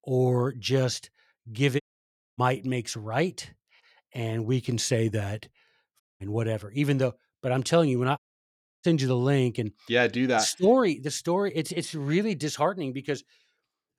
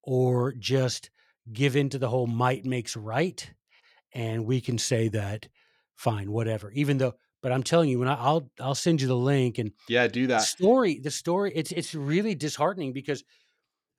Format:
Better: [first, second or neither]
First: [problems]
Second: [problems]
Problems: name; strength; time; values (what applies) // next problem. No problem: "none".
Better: second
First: audio cutting out; at 2 s for 0.5 s, at 6 s and at 8 s for 0.5 s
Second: none